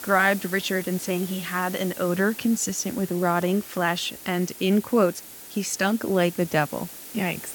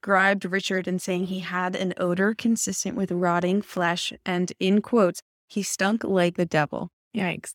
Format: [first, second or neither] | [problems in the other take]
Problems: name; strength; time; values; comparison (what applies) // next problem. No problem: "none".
second | hiss; noticeable; throughout; 15 dB below the speech